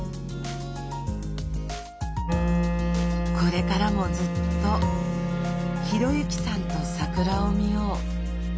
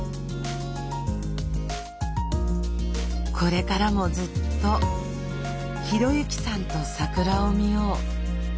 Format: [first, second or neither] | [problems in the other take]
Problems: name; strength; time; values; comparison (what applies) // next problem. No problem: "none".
second | background sound (Wind instrument, woodwind instrument); 2 dB below the speech